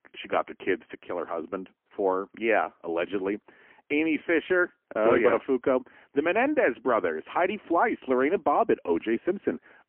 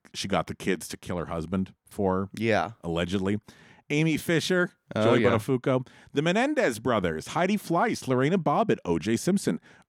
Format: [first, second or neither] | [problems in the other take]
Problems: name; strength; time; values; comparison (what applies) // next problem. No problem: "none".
second | phone-call audio; poor line